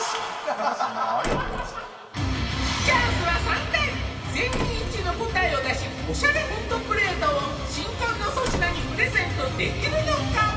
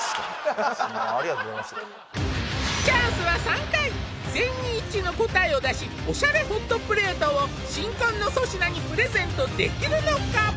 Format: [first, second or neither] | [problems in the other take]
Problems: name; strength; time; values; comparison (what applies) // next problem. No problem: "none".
second | background sound (Slam); 10 dB below the speech // room echo; dies away in 2.1 s